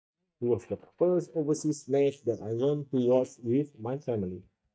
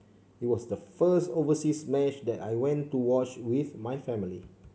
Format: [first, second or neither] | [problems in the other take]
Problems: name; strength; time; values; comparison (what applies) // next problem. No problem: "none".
second | noise reduction (neural mask model DeepFilterNet 3)